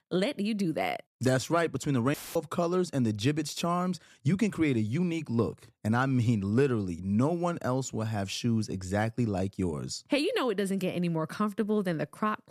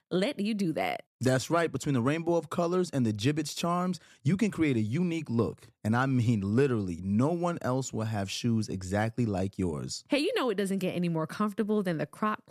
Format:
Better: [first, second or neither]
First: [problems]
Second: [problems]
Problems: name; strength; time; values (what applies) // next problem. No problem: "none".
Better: second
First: audio cutting out; filled with static; at 2 s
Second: none